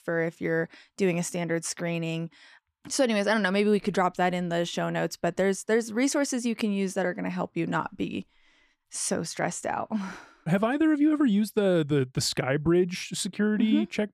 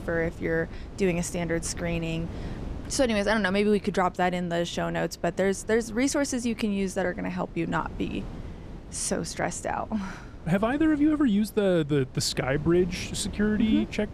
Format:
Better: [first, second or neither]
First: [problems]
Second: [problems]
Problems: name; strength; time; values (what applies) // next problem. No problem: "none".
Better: first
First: none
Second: wind noise on the microphone; occasional gusts; 20 dB below the speech